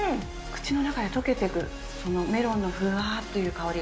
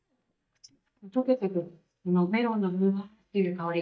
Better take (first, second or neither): first